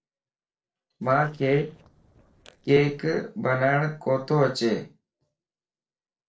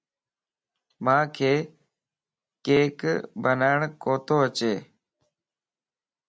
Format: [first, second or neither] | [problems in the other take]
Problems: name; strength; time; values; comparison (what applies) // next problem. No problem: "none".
second | noise reduction (neural separator model SepFormer DNS4)